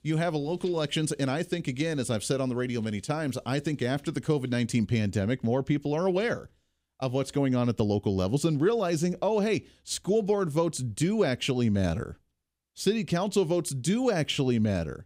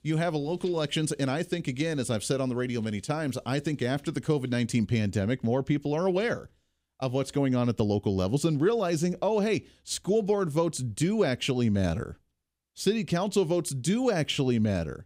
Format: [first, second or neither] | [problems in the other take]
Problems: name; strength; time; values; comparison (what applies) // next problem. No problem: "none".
neither | none